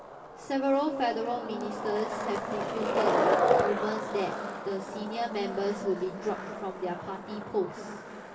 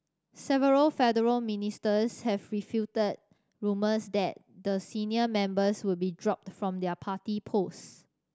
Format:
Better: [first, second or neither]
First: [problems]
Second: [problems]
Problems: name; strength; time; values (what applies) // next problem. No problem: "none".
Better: second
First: background sound (Skateboard); as loud as the speech // room echo; dies away in 2.8 s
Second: none